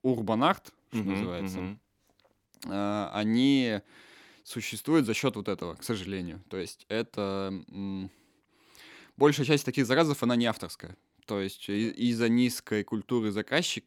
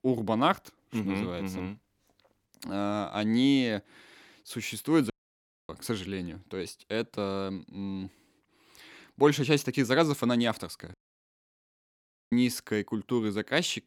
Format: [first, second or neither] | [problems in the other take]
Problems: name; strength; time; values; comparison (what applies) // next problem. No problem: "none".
first | audio cutting out; at 5 s for 0.5 s and at 11 s for 1.5 s